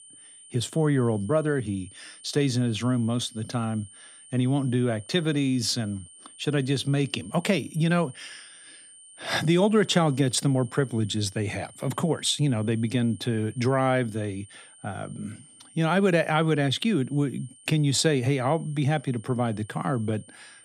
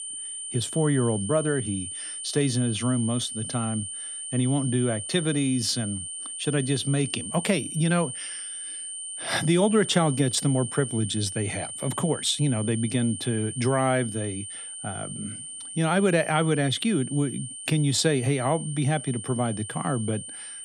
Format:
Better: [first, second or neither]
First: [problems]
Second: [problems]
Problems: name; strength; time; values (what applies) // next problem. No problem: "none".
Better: first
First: high-pitched whine; faint; throughout; 9 kHz, 20 dB below the speech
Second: high-pitched whine; loud; throughout; 9 kHz, 8 dB below the speech